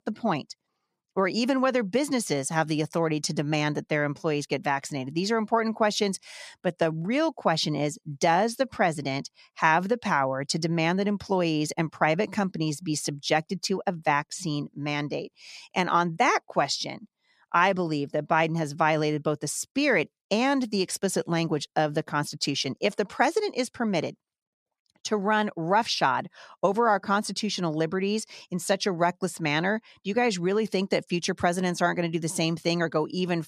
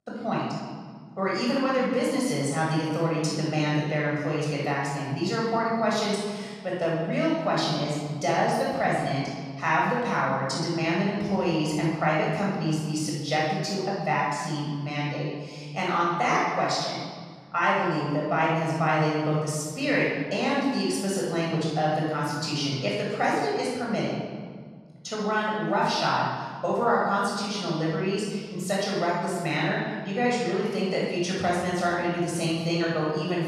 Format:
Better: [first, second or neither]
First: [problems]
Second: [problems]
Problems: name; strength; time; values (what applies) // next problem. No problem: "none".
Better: first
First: none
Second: room echo; strong; dies away in 1.9 s // off-mic speech; far